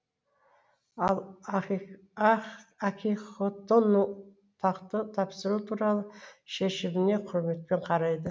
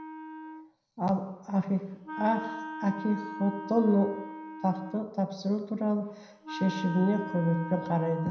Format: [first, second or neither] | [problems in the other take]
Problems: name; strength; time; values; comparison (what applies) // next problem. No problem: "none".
first | background sound (Wind instrument, woodwind instrument); 11 dB below the speech // room echo; dies away in 0.9 s